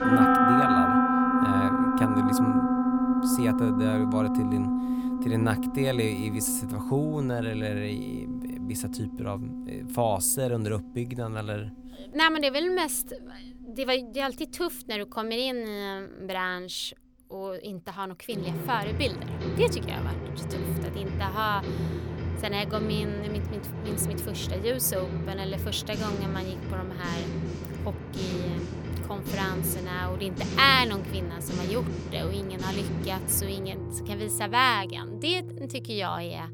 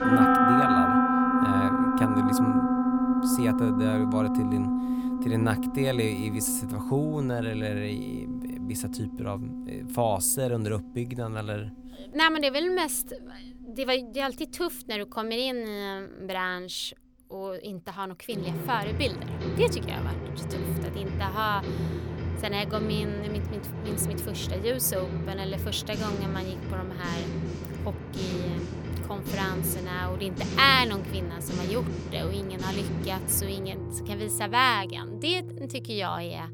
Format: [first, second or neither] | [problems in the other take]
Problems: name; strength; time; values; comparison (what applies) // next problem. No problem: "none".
neither | background music; very loud; throughout; 1 dB above the speech; the same in both